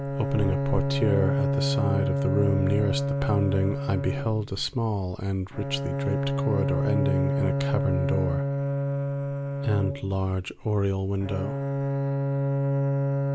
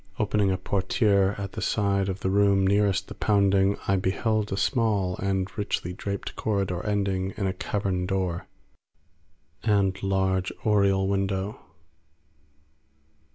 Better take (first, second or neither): second